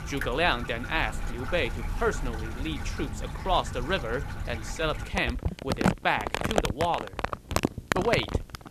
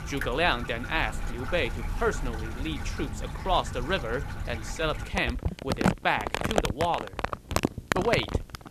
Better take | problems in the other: neither | household noises; loud; throughout; 3 dB below the speech; the same in both

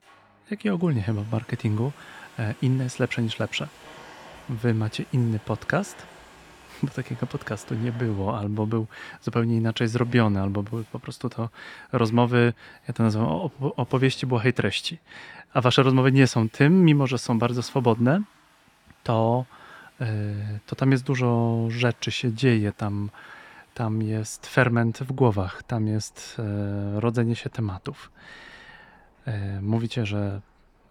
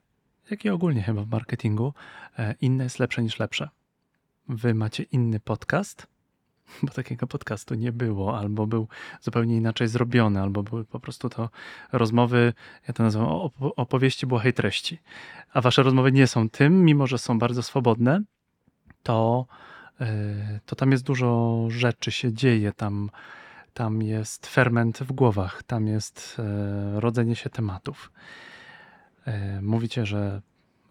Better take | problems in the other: second | household noises; faint; throughout; 25 dB below the speech

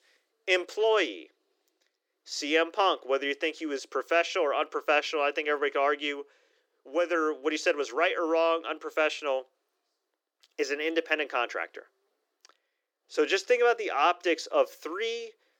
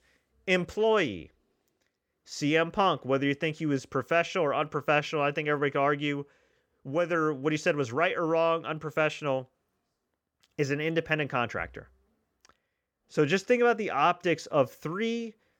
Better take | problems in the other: second | thin; somewhat; fading below 300 Hz

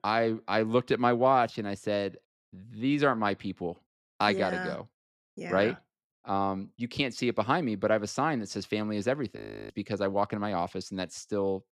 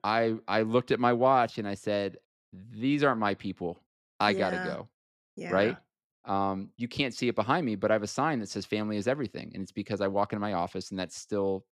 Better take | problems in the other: second | audio freezing; at 9.5 s

